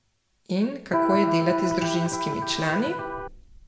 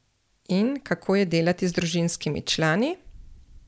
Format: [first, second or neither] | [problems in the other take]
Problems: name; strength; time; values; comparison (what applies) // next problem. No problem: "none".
second | background sound (Electric guitar); 2 dB above the speech // room echo; dies away in 0.7 s